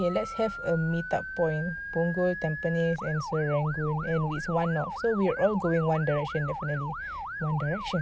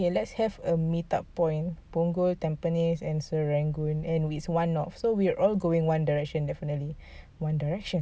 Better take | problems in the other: second | background sound (Motor vehicle (road) / Siren); 8 dB below the speech

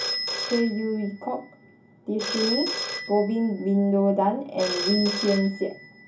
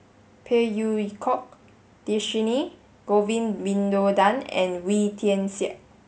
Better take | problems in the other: second | background sound (Telephone); 7 dB below the speech // room echo; dies away in 0.4 s

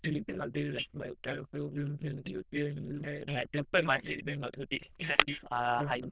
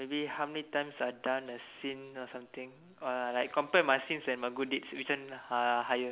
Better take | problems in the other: second | noise reduction (neural diffusion model UNIVERSE++)

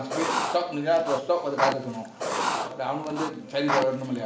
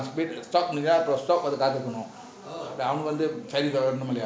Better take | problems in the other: second | background sound (Writing); 3 dB below the speech // room echo; dies away in 0.6 s

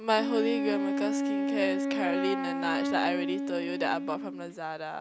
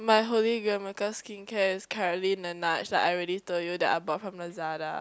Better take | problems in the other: second | background sound (Wind instrument, woodwind instrument); 1 dB above the speech

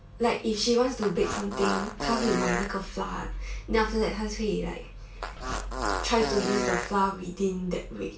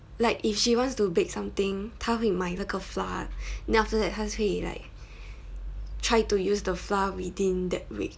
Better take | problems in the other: second | background sound (Fart); 3 dB below the speech // room echo; dies away in 0.3 s

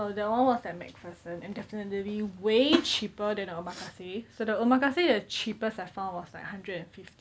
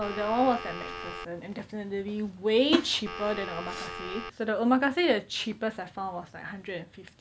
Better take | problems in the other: first | background sound (Telephone); 9 dB below the speech

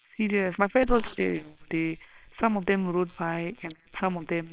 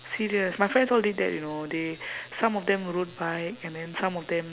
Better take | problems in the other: second | noise reduction (neural separator model SepFormer WHAMR!)

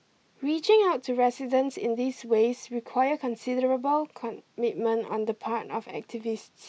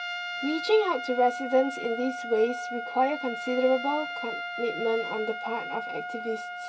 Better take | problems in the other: first | background sound (Trumpet); 7 dB below the speech // room echo; dies away in 0.2 s

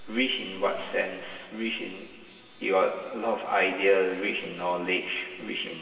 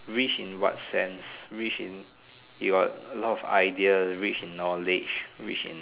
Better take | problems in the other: second | room echo; dies away in 2 s

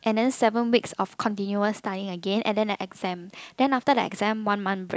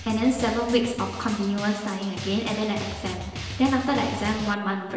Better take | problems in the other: first | background sound (Drum); 11 dB below the speech // room echo; dies away in 1 s

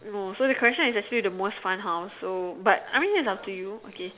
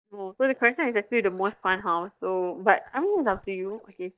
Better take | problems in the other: first | noise reduction (neural mask model DeepFilterNet 3)

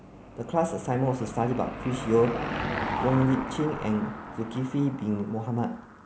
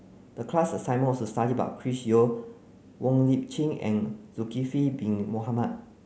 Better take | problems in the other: second | background sound (Car passing by / Engine); 7 dB below the speech

